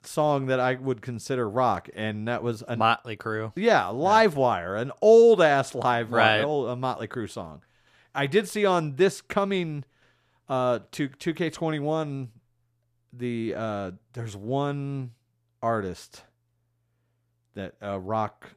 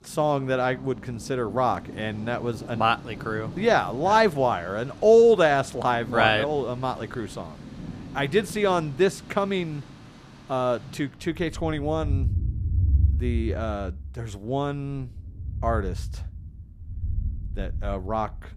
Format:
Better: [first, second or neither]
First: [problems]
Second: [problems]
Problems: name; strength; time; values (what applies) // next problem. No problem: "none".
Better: first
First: none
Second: rain or running water; loud; throughout; 9 dB below the speech